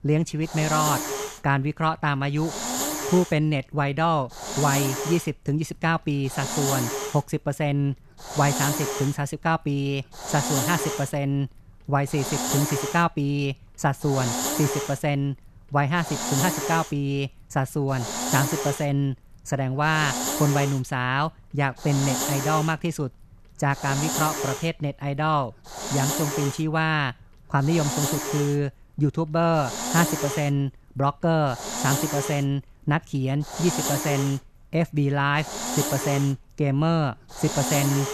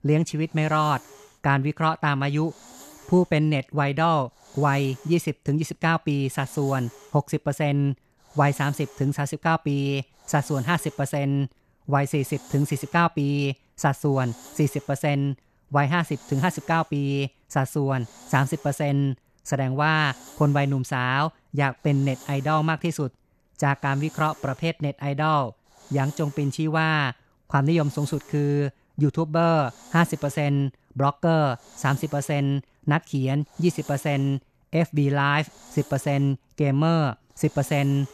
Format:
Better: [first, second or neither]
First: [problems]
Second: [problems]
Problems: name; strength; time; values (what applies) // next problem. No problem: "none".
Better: second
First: hiss; loud; throughout; 3 dB below the speech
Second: hiss; faint; throughout; 25 dB below the speech